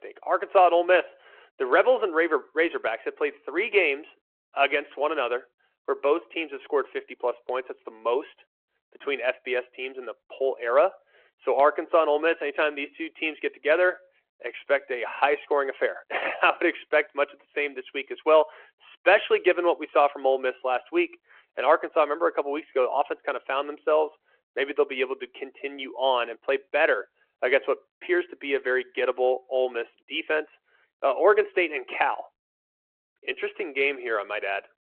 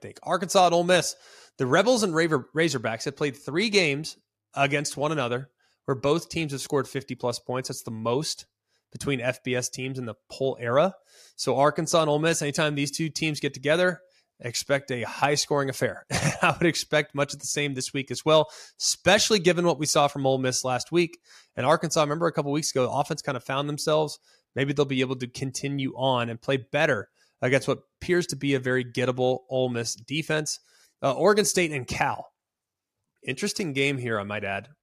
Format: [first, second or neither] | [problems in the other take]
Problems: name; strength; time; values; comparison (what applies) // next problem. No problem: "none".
second | phone-call audio